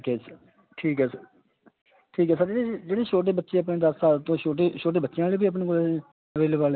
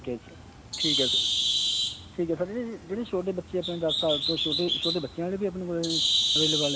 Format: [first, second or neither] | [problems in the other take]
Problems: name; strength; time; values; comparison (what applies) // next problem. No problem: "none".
first | background sound (Bird); 2 dB above the speech